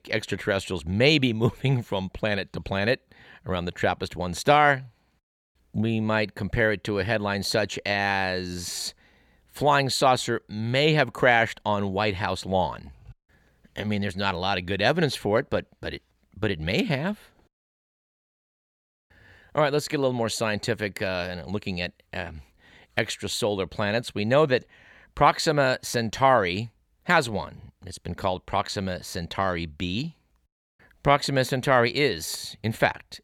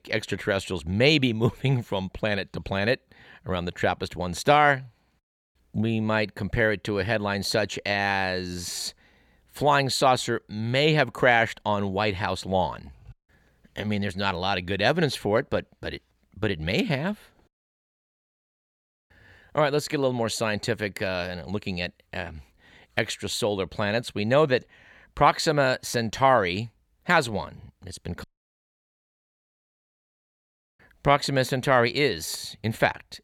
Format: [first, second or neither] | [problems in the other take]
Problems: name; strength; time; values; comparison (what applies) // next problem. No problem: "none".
first | audio cutting out; at 28 s for 2.5 s